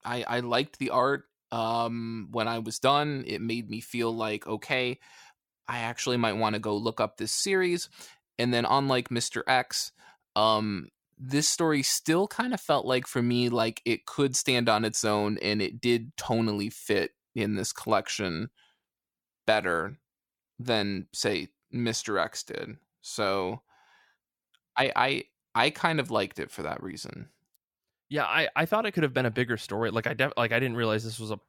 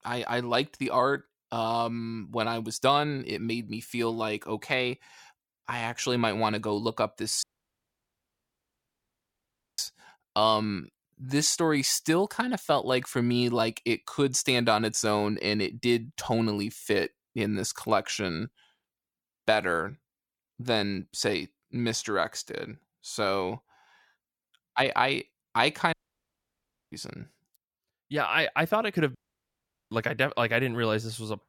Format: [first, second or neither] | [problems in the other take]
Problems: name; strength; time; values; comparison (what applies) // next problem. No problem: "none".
first | audio cutting out; at 7.5 s for 2.5 s, at 26 s for 1 s and at 29 s for 1 s